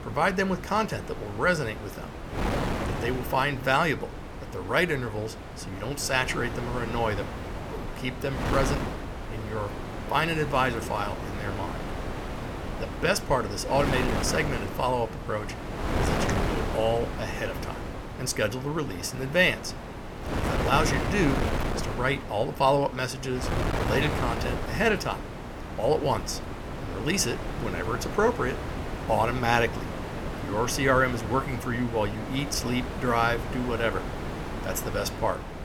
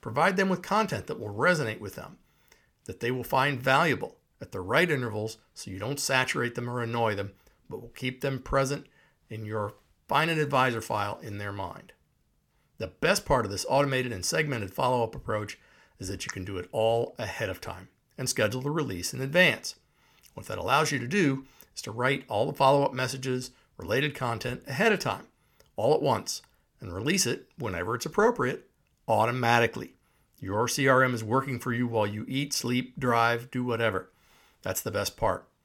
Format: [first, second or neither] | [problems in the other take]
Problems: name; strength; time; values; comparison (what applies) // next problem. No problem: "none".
second | wind noise on the microphone; heavy; 8 dB below the speech